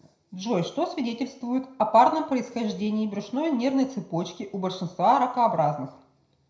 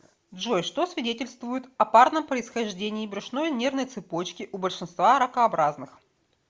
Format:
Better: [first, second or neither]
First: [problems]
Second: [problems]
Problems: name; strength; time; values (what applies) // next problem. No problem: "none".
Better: second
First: room echo; dies away in 0.5 s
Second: none